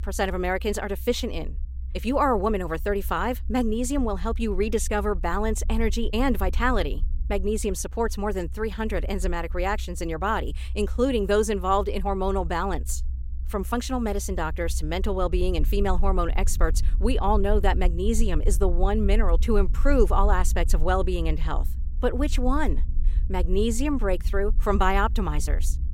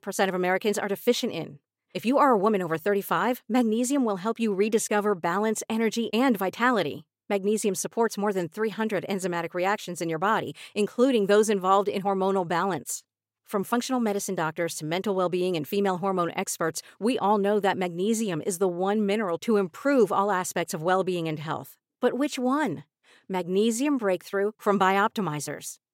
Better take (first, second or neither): second